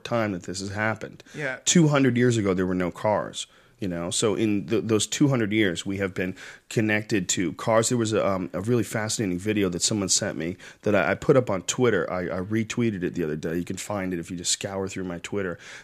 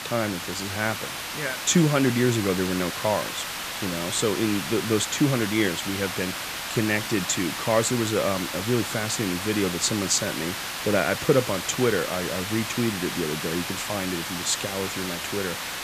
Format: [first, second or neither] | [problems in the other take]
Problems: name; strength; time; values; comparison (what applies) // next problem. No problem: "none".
first | hiss; loud; throughout; 4 dB below the speech